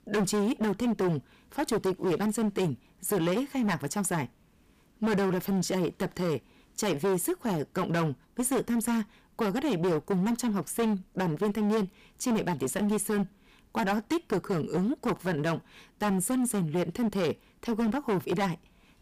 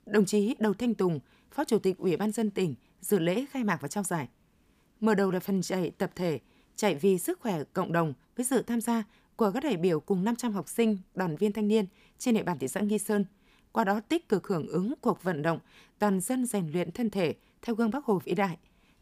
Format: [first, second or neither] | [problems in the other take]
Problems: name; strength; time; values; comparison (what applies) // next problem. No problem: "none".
second | distortion; heavy; 16% of the sound clipped